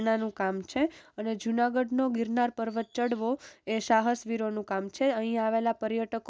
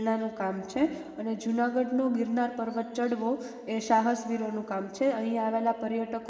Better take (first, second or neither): first